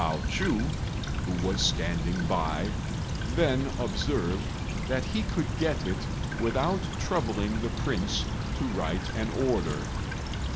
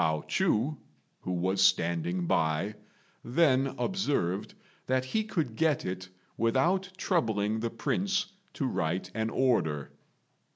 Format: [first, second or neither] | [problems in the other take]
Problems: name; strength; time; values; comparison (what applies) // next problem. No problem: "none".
second | background sound (Stream / Trickle, dribble); as loud as the speech